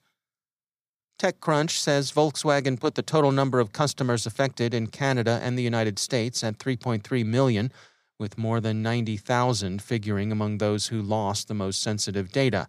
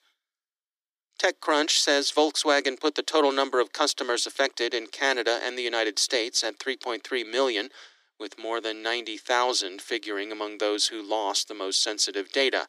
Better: first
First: none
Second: thin; somewhat; fading below 300 Hz

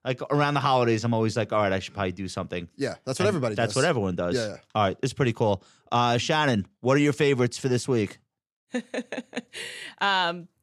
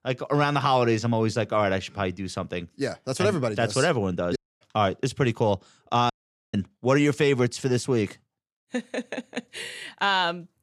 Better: first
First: none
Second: audio cutting out; at 4.5 s and at 6 s

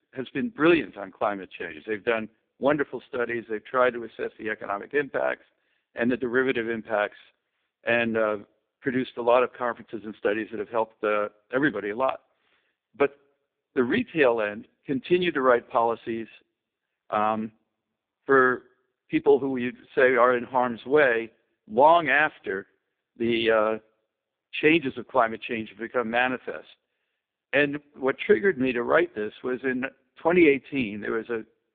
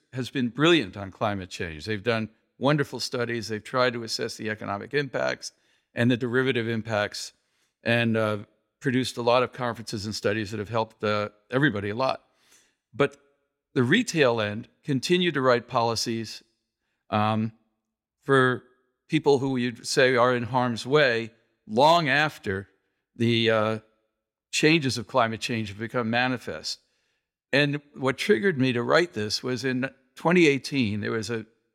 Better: second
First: phone-call audio; poor line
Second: none

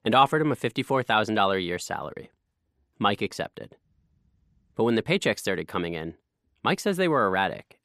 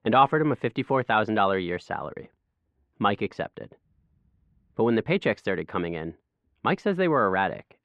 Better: first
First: none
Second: muffled; slightly; fading above 2.5 kHz

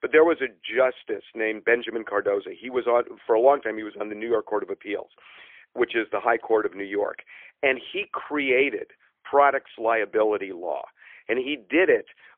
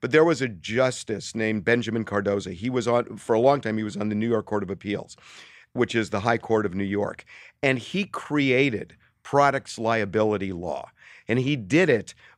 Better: second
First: phone-call audio; poor line; nothing above 3.5 kHz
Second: none

